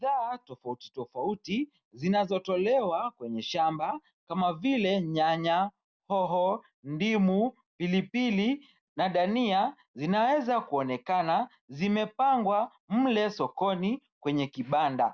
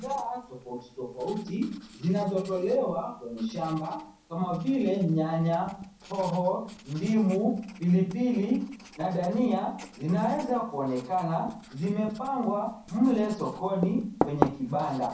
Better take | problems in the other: first | background sound (Writing); 12 dB below the speech // room echo; dies away in 0.6 s

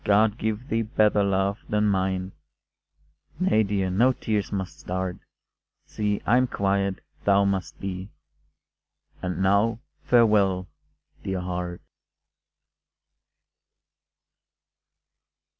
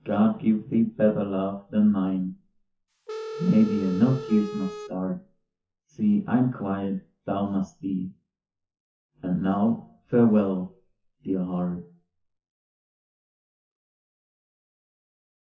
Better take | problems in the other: first | noise reduction (classical method WPE with log-MMSE)

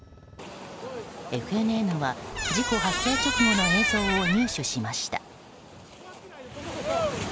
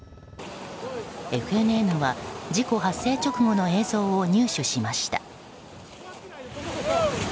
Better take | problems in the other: second | background sound (Squeak); 1 dB above the speech

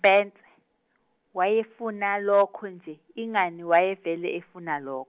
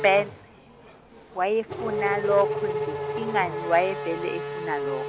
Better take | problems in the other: first | background sound (Race car, auto racing / Accelerating, revving, vroom); 4 dB below the speech

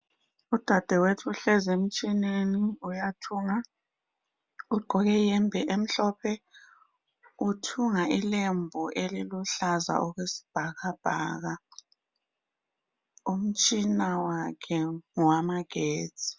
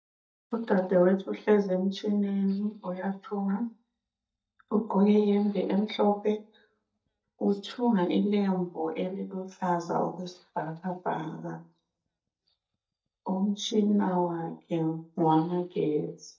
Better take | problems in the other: first | noise reduction (neural mask model DeepFilterNet 3)

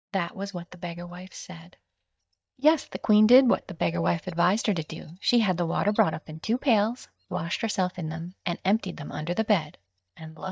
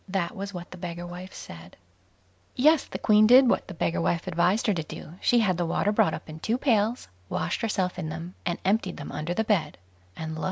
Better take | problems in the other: second | noise reduction (neural mask model DeepFilterNet 3)

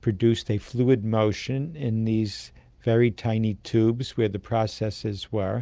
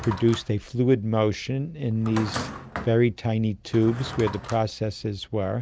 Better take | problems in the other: first | background sound (Drawer open or close); 14 dB below the speech

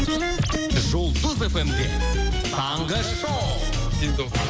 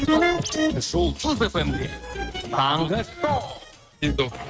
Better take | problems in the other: first | noise reduction (neural mask model RNNoise)

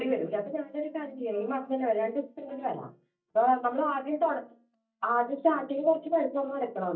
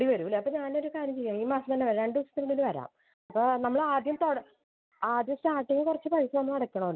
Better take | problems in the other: second | noise reduction (neural mask model DeepFilterNet 3)

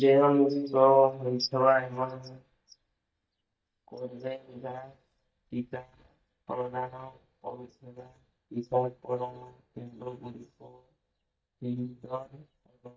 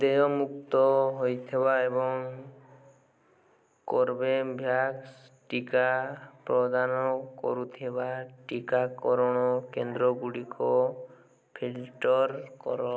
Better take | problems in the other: second | noise reduction (neural mask model DeepFilterNet 3)

